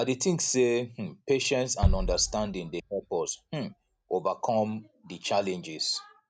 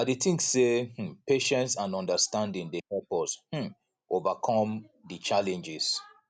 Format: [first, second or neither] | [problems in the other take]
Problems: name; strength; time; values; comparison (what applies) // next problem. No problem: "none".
second | background sound (Bass drum); 4 dB below the speech